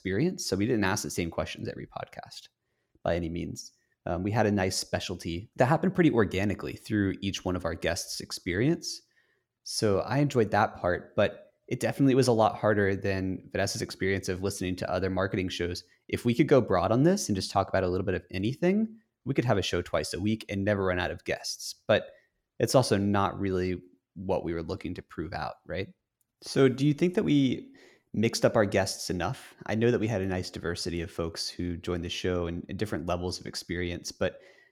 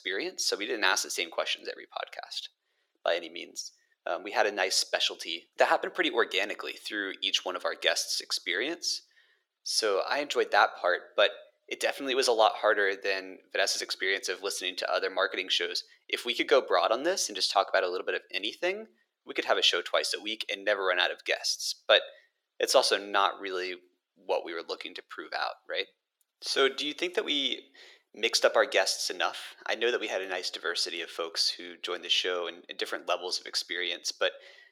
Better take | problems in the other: first | thin; very; fading below 450 Hz

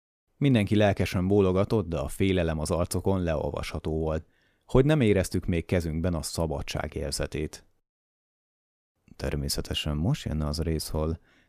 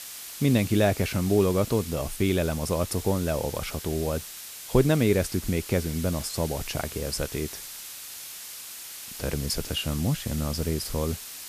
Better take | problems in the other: first | hiss; noticeable; throughout; 10 dB below the speech

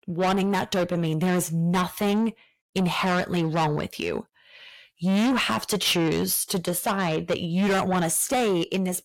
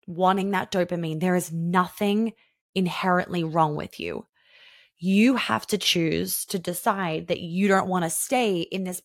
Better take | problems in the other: second | distortion; heavy; 7 dB below the speech

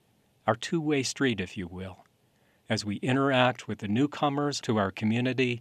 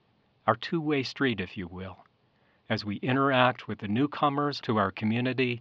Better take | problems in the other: first | muffled; very slightly; fading above 4.5 kHz

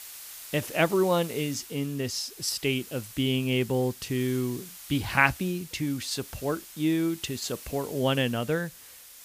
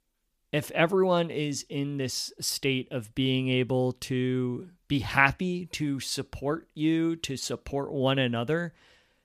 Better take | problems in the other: second | hiss; noticeable; throughout; 15 dB below the speech

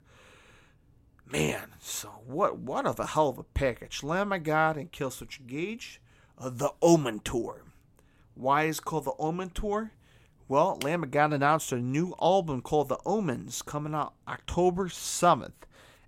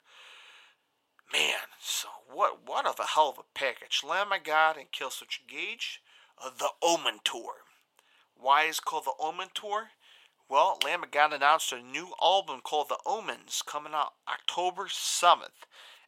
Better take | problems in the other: first | thin; very; fading below 800 Hz

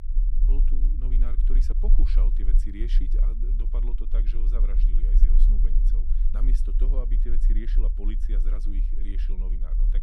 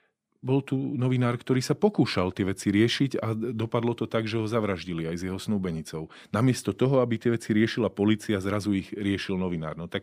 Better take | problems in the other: second | low rumble; loud; throughout; 5 dB below the speech

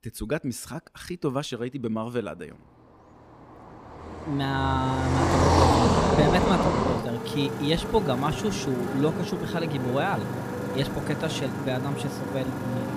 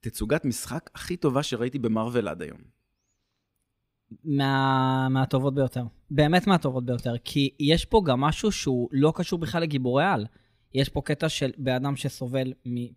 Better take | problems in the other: second | traffic noise; very loud; throughout; 2 dB above the speech

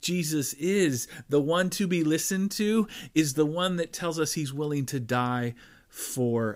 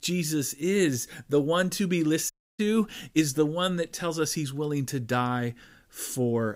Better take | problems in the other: first | audio cutting out; at 2.5 s

